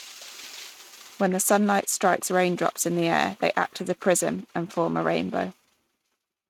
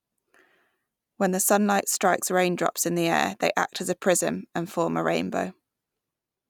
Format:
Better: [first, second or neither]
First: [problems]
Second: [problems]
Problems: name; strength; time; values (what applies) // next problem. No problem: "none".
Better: second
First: noise reduction (neural mask model RNNoise)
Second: none